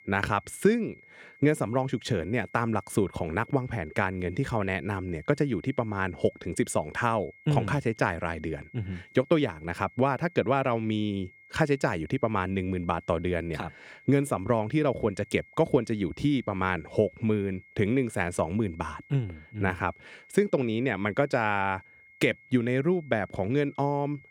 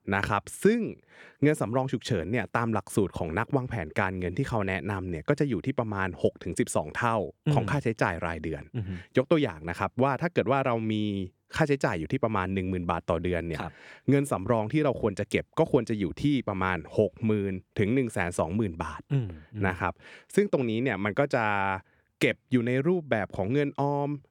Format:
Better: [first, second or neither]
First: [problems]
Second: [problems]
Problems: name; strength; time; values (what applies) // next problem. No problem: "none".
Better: second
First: high-pitched whine; faint; throughout; 2 kHz, 25 dB below the speech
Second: none